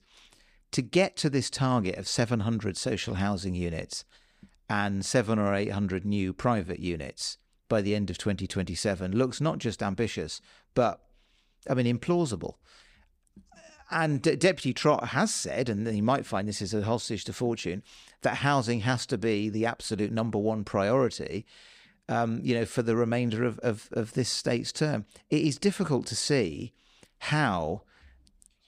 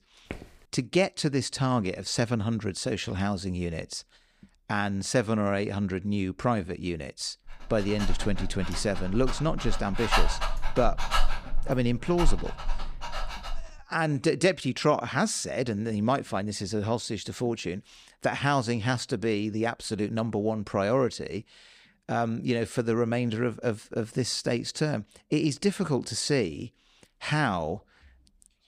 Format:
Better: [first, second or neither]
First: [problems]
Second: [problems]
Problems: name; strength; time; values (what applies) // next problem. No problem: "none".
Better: first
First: none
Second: footsteps; faint; at 0.5 s; peak 15 dB below the speech // dog barking; loud; from 7.5 to 14 s; peak 2 dB above the speech